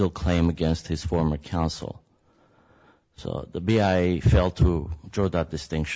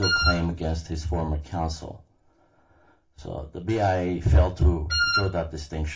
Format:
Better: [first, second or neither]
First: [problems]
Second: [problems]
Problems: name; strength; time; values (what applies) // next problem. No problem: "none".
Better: first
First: none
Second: background sound (Wind instrument, woodwind instrument); as loud as the speech // room echo; dies away in 0.2 s